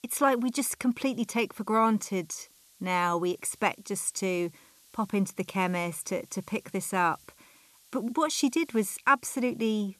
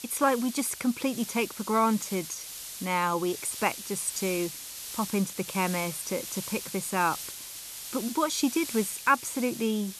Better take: first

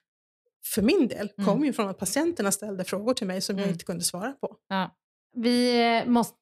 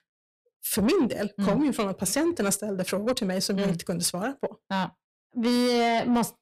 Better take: first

